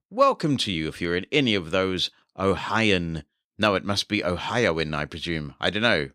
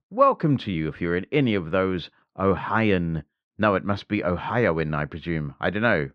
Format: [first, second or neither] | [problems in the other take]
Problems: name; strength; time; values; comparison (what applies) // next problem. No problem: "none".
first | muffled; very; fading above 1.5 kHz